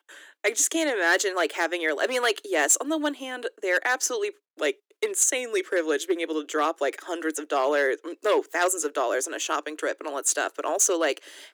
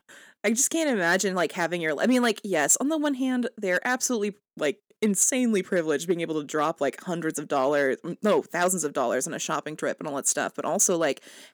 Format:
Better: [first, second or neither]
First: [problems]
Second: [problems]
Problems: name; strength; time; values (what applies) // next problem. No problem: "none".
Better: second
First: thin; somewhat; fading below 300 Hz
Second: none